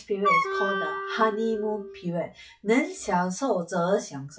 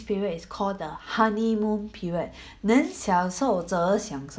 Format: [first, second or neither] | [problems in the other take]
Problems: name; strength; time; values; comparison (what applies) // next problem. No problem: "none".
second | noise reduction (classical method WPE with log-MMSE)